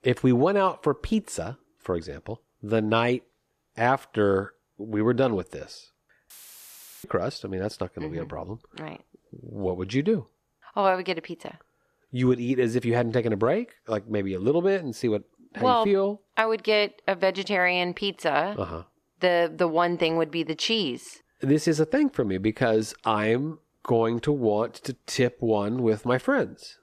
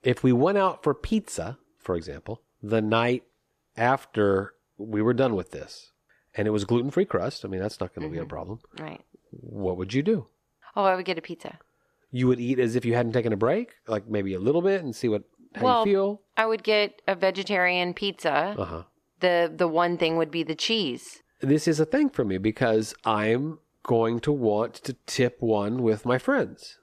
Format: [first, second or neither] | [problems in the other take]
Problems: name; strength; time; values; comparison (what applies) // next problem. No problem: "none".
second | audio cutting out; filled with static; at 6.5 s for 0.5 s